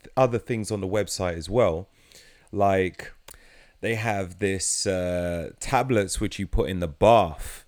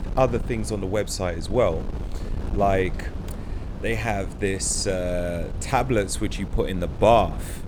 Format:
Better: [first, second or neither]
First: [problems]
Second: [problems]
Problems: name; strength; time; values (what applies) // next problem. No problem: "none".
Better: first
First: none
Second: wind noise on the microphone; occasional gusts; 15 dB below the speech